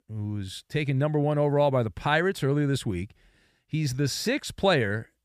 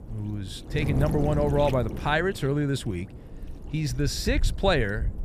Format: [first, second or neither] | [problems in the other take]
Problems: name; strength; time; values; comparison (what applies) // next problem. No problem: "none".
first | wind noise on the microphone; occasional gusts; 15 dB below the speech